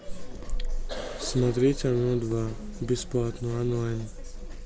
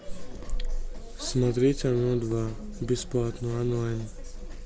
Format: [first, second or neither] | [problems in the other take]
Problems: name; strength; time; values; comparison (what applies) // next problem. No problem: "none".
second | background sound (Cough); 15 dB below the speech